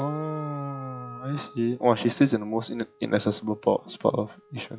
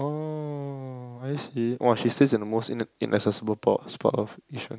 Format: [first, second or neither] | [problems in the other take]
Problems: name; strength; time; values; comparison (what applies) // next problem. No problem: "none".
second | noise reduction (classical method log-MMSE)